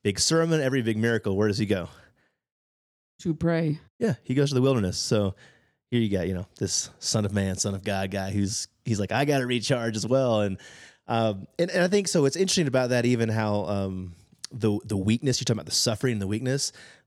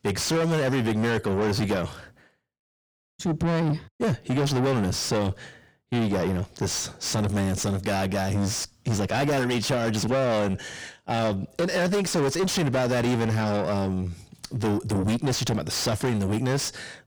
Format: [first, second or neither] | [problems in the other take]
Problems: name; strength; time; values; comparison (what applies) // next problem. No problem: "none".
first | distortion; heavy; 6 dB below the speech